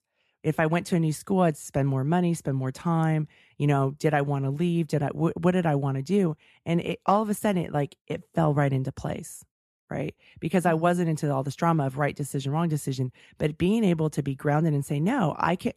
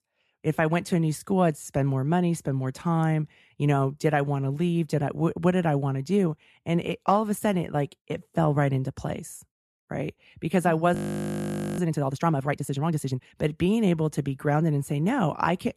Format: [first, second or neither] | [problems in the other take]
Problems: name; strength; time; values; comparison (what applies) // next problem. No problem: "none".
first | audio freezing; at 11 s for 1 s